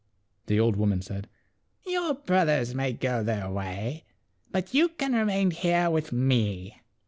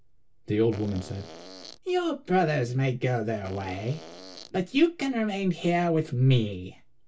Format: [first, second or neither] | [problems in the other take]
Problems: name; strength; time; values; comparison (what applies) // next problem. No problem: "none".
first | background sound (Fart); 17 dB below the speech // room echo; dies away in 0.1 s